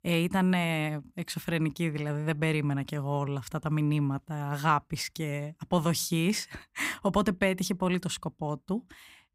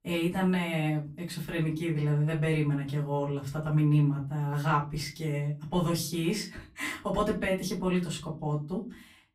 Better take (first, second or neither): first